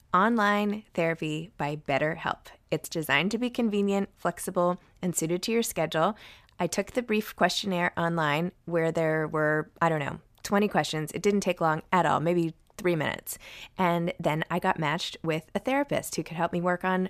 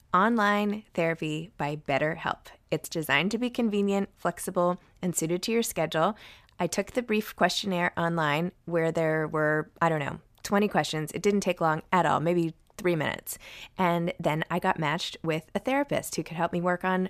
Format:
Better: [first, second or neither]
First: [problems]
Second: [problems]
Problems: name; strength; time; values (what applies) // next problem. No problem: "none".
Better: neither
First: none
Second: none